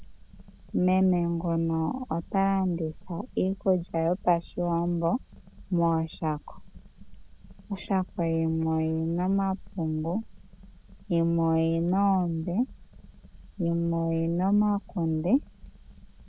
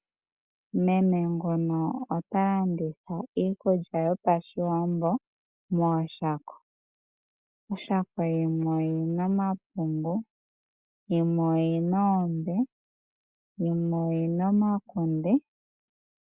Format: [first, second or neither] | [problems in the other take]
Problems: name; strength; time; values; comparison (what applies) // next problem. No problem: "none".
second | background sound (Fire); 19 dB below the speech